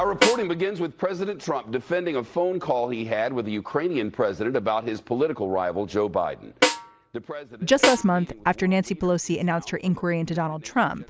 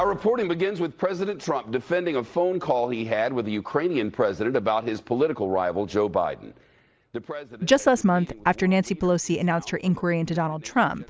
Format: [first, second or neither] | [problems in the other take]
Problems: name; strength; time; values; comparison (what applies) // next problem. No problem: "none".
second | background sound (Snare drum); 2 dB below the speech